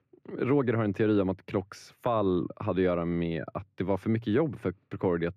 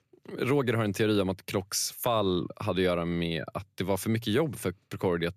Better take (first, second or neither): second